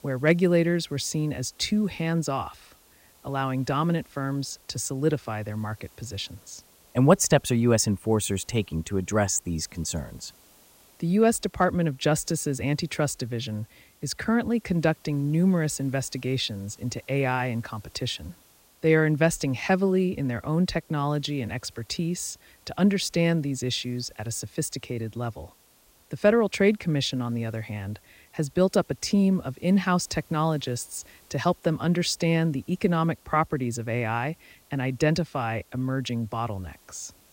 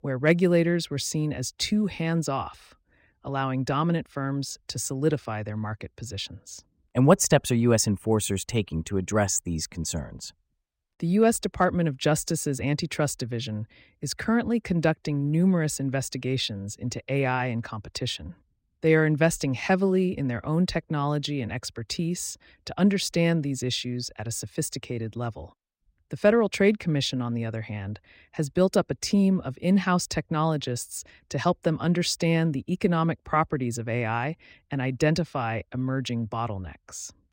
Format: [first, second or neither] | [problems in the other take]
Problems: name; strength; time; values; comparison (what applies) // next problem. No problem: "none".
second | hiss; faint; throughout; 30 dB below the speech